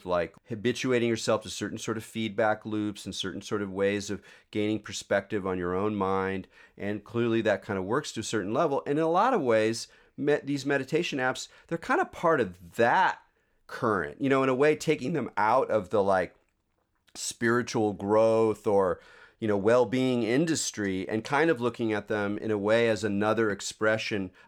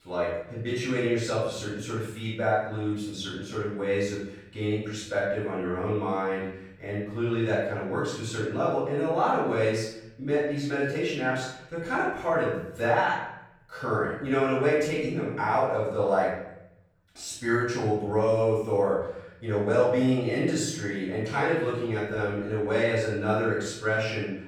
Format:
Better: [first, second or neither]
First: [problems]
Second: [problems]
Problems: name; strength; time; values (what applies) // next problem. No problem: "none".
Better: first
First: none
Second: off-mic speech; far // room echo; noticeable; dies away in 0.8 s